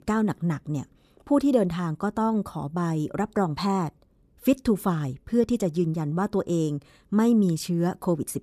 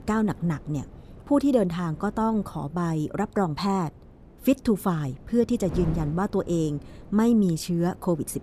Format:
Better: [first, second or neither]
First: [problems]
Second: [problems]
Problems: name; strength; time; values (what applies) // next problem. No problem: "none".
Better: first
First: none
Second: wind noise on the microphone; occasional gusts; 20 dB below the speech